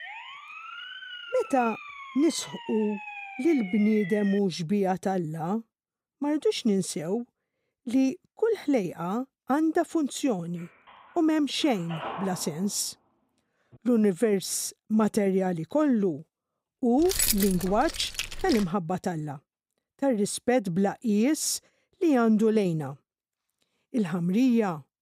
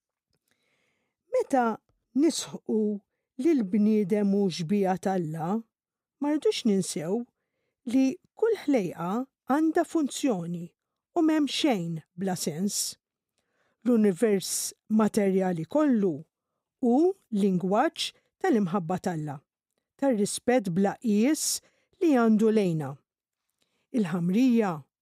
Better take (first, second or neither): second